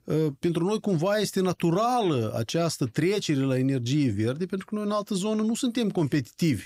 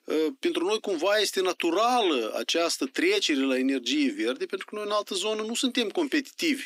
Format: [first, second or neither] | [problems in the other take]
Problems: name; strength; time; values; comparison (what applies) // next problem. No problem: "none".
first | thin; very slightly; fading below 250 Hz